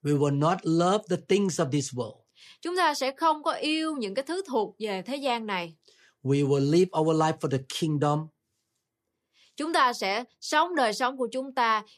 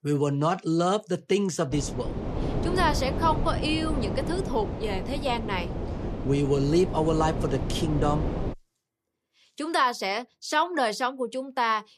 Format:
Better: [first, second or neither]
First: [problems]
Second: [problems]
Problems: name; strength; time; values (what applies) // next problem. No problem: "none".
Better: first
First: none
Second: wind noise on the microphone; heavy; from 1.5 to 8.5 s; 9 dB below the speech